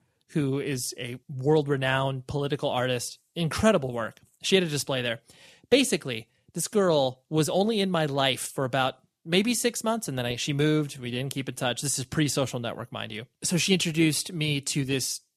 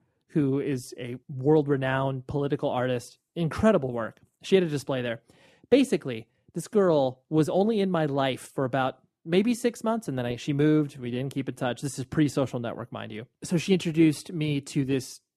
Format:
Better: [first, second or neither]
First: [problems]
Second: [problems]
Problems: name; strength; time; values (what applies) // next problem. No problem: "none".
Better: first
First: none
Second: muffled; slightly; fading above 2.5 kHz